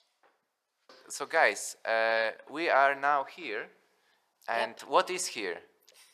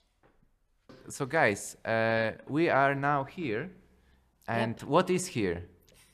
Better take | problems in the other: second | thin; very; fading below 650 Hz

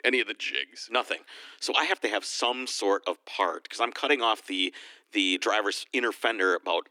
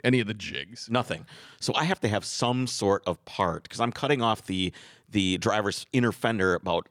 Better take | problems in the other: second | thin; somewhat; fading below 300 Hz

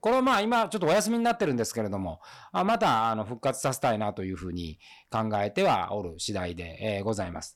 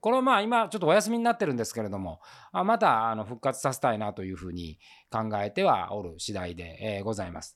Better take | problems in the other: second | distortion; slight; 6% of the sound clipped

